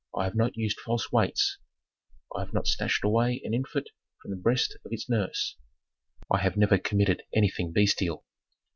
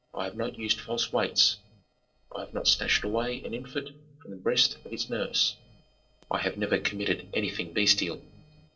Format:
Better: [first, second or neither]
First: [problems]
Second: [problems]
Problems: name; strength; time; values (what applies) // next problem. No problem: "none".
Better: first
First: none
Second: noise reduction (neural separator model SepFormer DNS4)